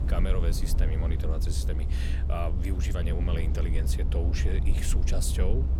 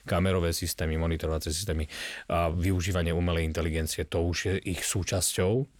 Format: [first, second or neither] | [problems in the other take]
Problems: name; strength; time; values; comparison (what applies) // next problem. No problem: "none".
second | low rumble; loud; throughout; 7 dB below the speech